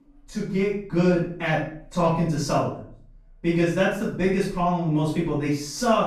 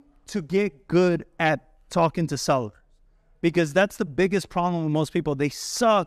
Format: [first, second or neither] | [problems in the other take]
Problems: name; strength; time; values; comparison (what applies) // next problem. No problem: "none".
second | off-mic speech; far // room echo; noticeable; dies away in 0.5 s